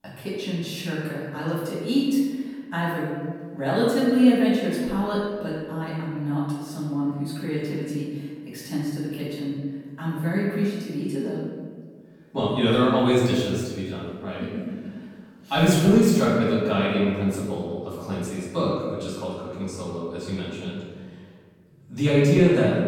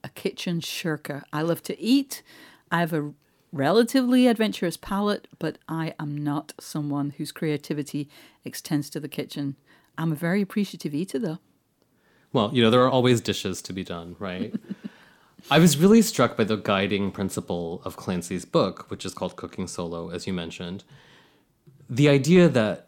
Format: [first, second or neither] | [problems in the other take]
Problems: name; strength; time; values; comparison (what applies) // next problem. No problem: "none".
second | room echo; strong; dies away in 1.4 s // off-mic speech; far